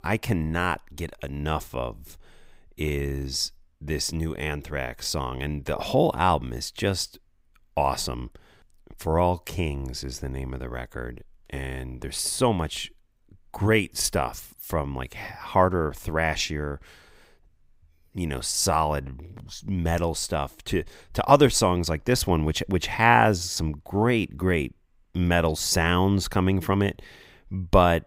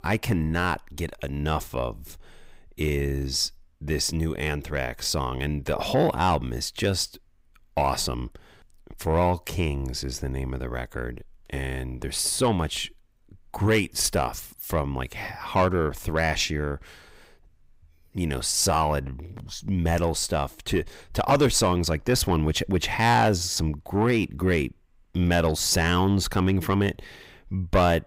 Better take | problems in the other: first | distortion; slight; 10 dB below the speech

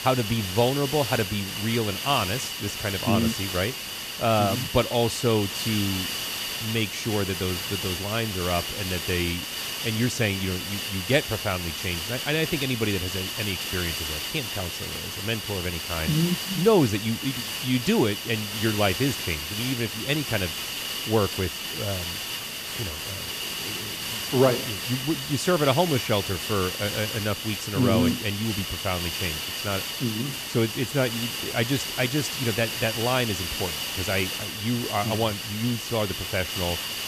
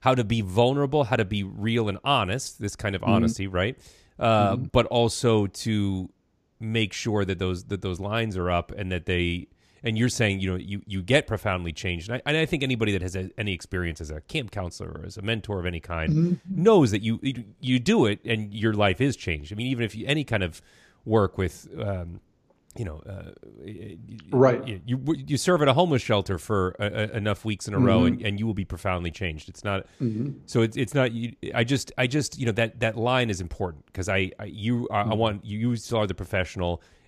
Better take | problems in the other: second | hiss; loud; throughout; 3 dB below the speech

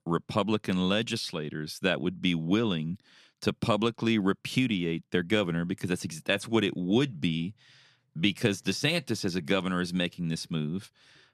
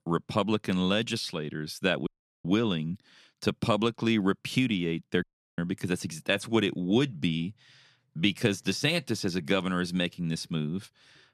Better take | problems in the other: first | audio cutting out; at 2 s and at 5 s

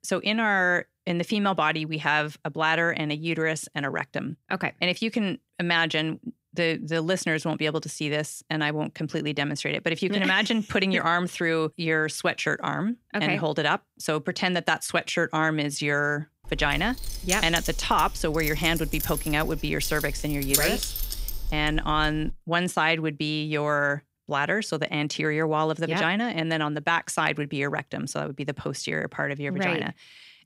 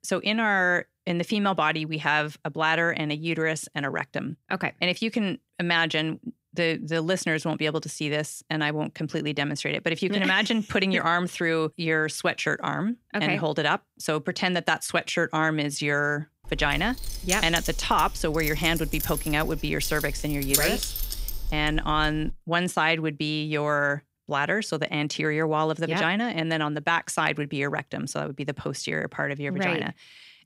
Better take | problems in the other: neither | jangling keys; loud; from 16 to 22 s; peak 2 dB above the speech; the same in both

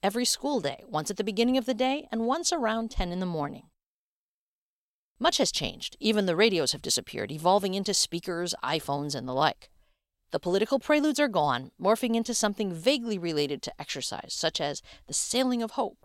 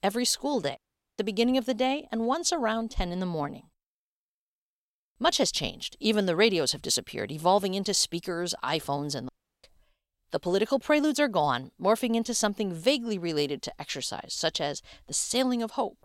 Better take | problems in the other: first | audio cutting out; at 1 s and at 9.5 s

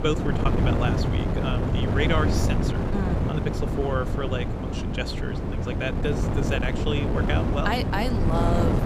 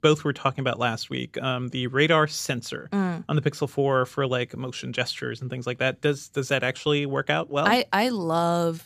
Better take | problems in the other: second | wind noise on the microphone; heavy; 2 dB below the speech

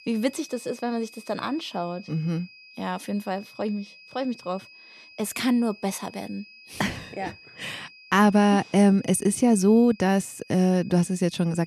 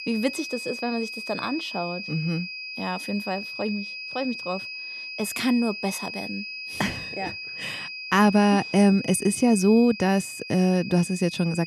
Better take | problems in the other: first | high-pitched whine; loud; throughout; 2.5 kHz, 9 dB below the speech; faint in the first

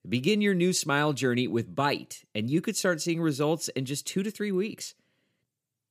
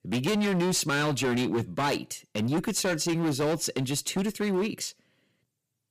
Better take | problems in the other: first | distortion; heavy; 19% of the sound clipped

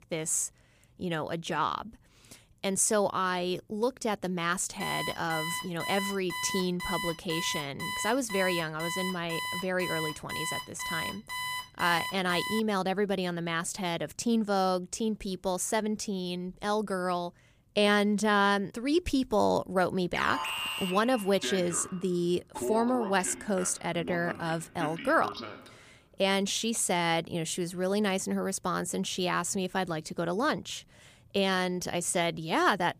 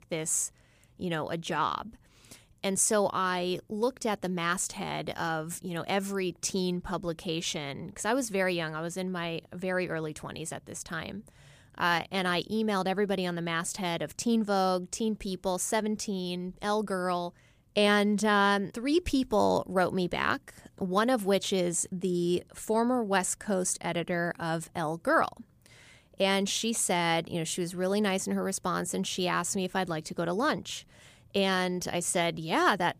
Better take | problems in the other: second | alarm; noticeable; from 5 to 13 s and from 20 to 26 s; peak 2 dB below the speech

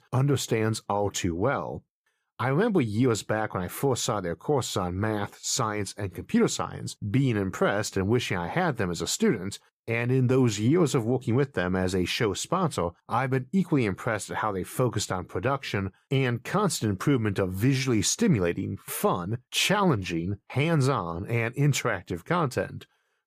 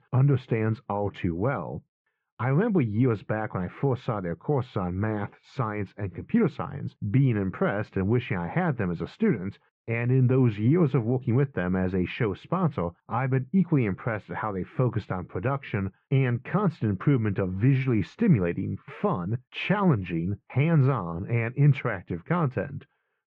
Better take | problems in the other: first | muffled; very; fading above 2.5 kHz

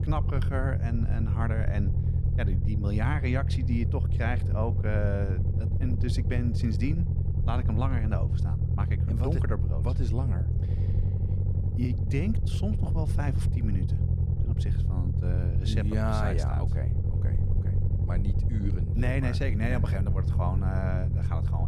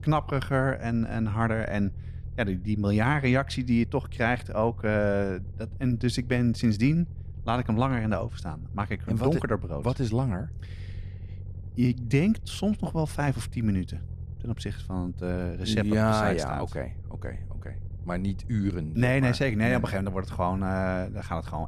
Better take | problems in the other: second | low rumble; loud; throughout; 5 dB below the speech; faint in the second

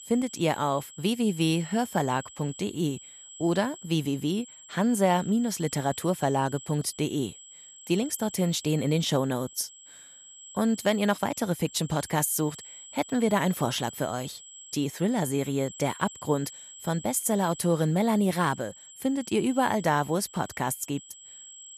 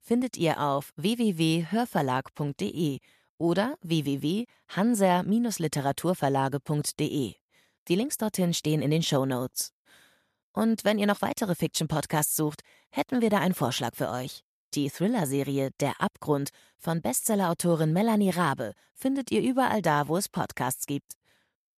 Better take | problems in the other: second | high-pitched whine; noticeable; throughout; 7.5 kHz, 15 dB below the speech

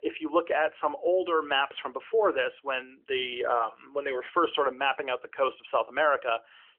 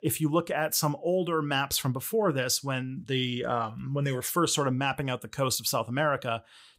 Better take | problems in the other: second | phone-call audio; nothing above 3 kHz

